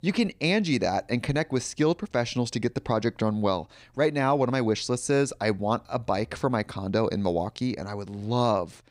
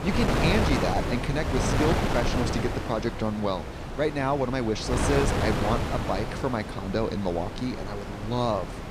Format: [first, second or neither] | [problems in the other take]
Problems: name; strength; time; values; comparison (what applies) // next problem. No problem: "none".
first | wind noise on the microphone; heavy; 2 dB below the speech